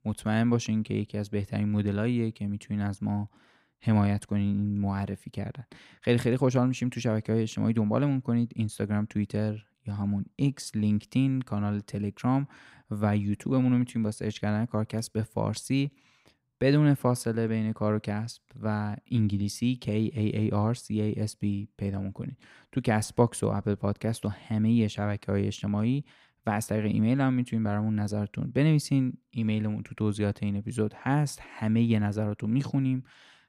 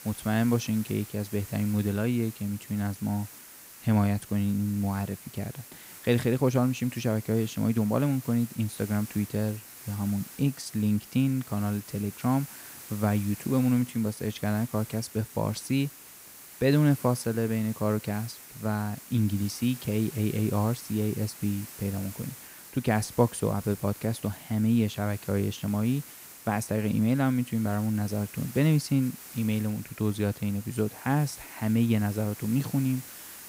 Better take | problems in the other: first | hiss; noticeable; throughout; 15 dB below the speech

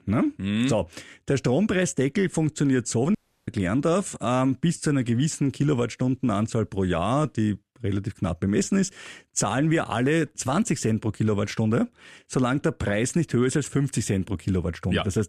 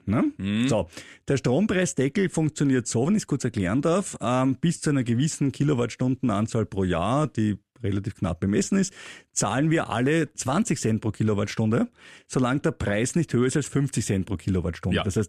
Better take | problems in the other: second | audio cutting out; at 3 s

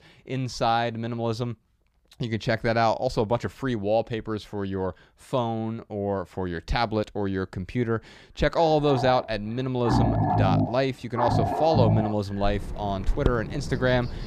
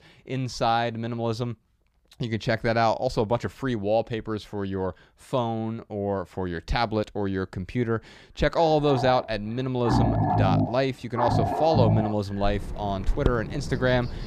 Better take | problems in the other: neither | animal sounds; loud; from 9 s on; 1 dB below the speech; the same in both

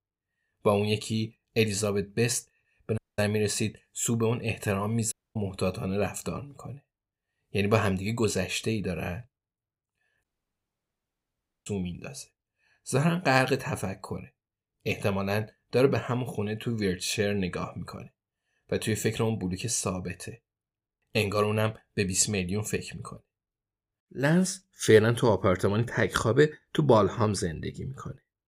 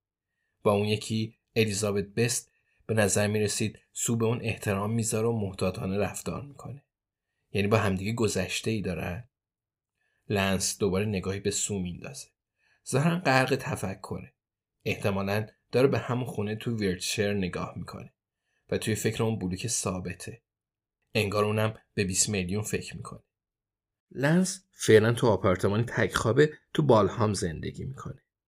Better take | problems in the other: second | audio cutting out; at 3 s, at 5 s and at 10 s for 1.5 s

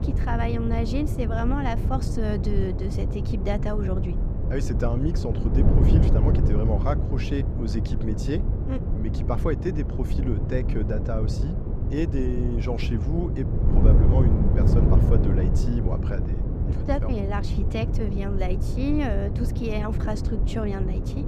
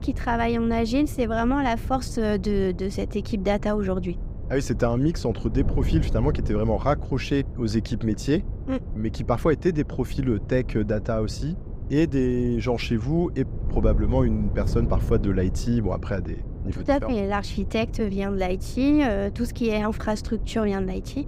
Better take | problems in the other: second | wind noise on the microphone; heavy; 4 dB below the speech; occasional gusts in the second

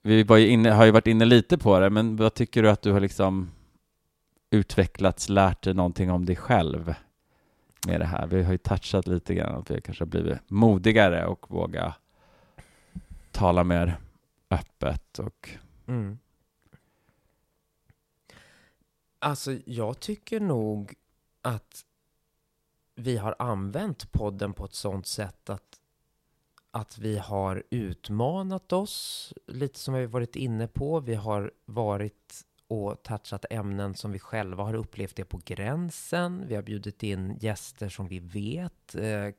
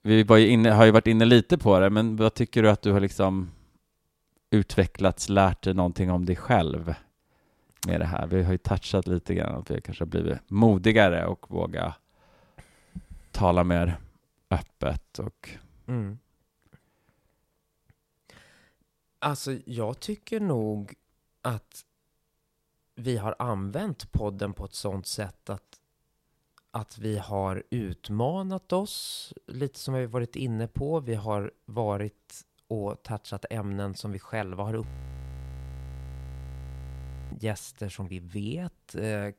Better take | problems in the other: first | audio freezing; at 35 s for 2.5 s

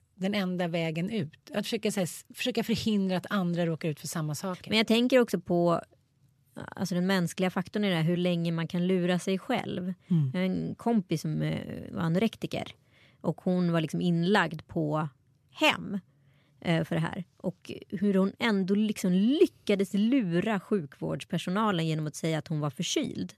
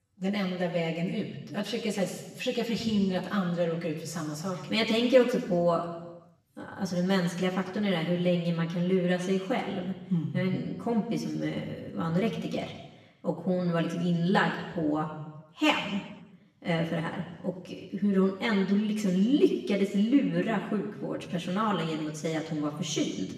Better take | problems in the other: first | room echo; noticeable; dies away in 1 s // off-mic speech; far

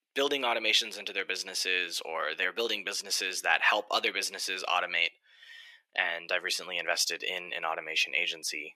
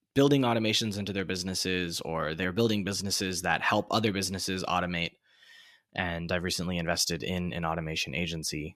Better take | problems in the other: second | thin; very; fading below 450 Hz

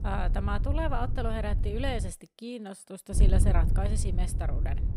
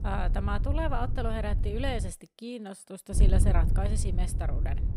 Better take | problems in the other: neither | wind noise on the microphone; heavy; until 2 s and from 3 s on; 9 dB below the speech; the same in both

